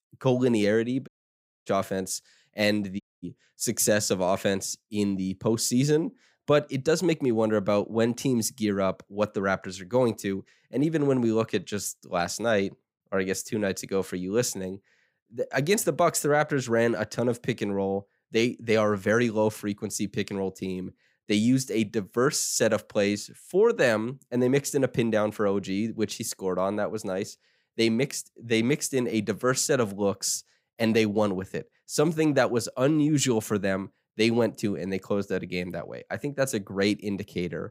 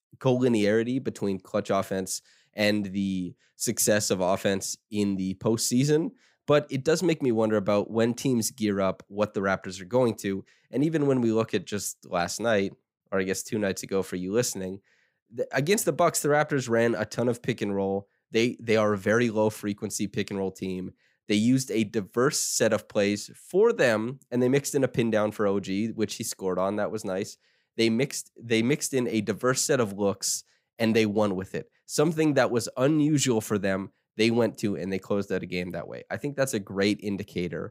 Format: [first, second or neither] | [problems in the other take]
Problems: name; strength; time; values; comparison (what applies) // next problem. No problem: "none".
second | audio cutting out; at 1 s for 0.5 s and at 3 s